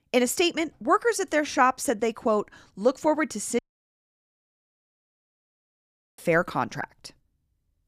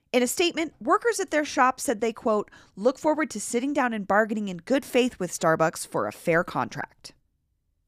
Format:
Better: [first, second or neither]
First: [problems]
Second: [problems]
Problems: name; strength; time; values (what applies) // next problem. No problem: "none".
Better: second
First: audio cutting out; at 3.5 s for 2.5 s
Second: none